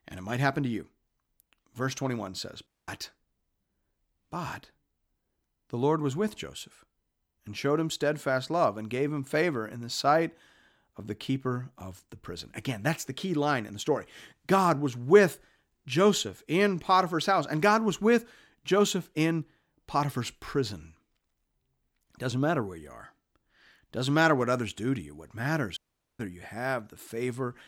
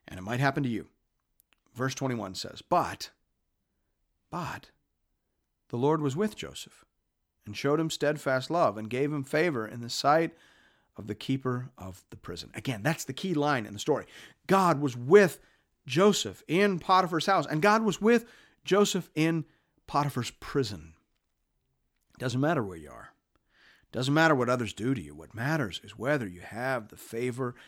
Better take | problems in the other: second | audio cutting out; at 2.5 s and at 26 s

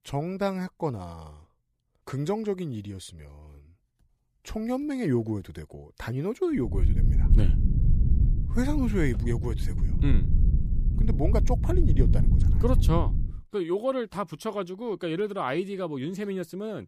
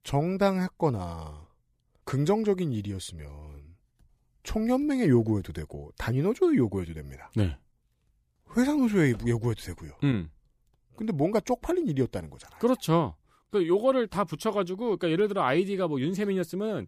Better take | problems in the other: second | low rumble; loud; from 6.5 to 13 s; 9 dB below the speech

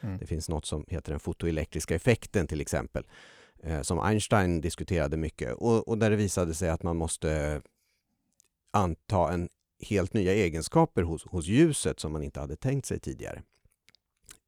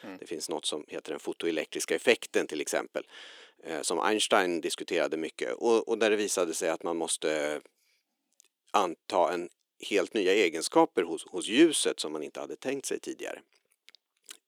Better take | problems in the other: first | thin; somewhat; fading below 300 Hz

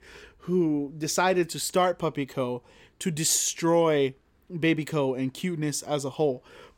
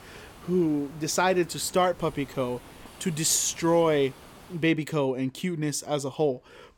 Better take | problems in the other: first | hiss; faint; until 4.5 s; 20 dB below the speech

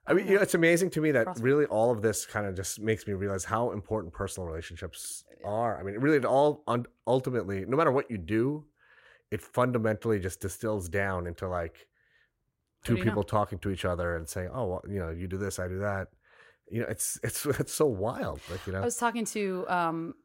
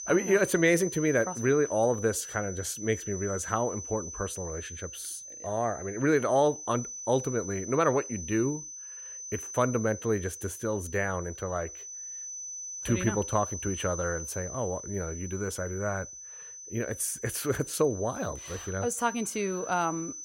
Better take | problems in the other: first | high-pitched whine; loud; throughout; 6 kHz, 9 dB below the speech

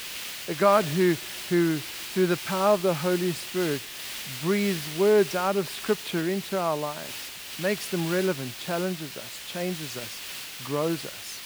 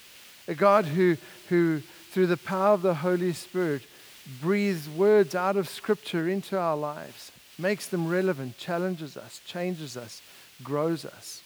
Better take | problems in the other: second | hiss; loud; throughout; 8 dB below the speech; faint in the second

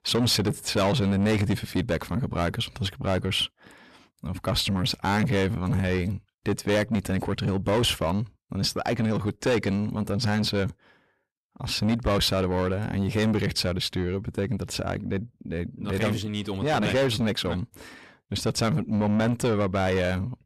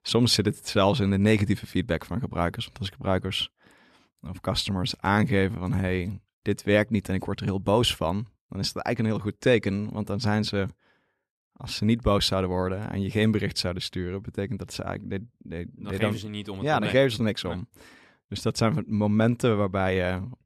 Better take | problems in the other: second | distortion; heavy; 8 dB below the speech

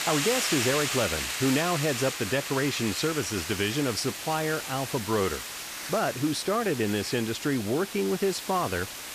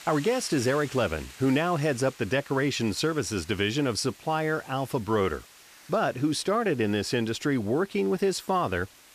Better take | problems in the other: second | hiss; loud; throughout; 4 dB below the speech; faint in the second

